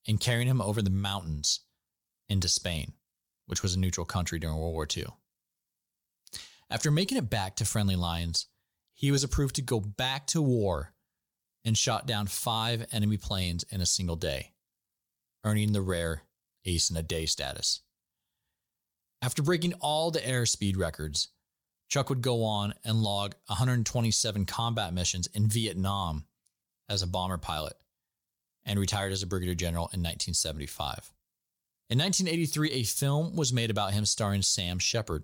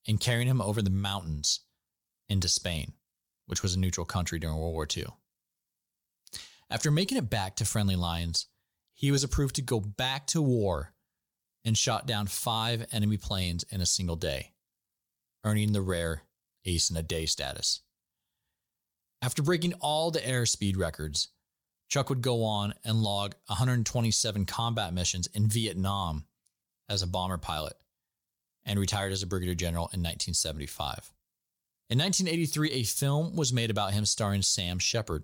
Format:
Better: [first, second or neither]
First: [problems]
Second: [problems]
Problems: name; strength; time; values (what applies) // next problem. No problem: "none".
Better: neither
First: none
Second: none